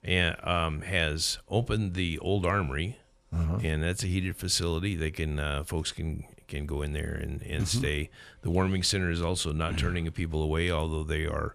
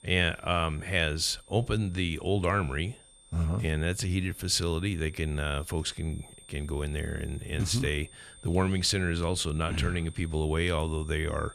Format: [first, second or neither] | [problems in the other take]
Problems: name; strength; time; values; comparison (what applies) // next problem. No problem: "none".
first | high-pitched whine; faint; throughout; 8.5 kHz, 20 dB below the speech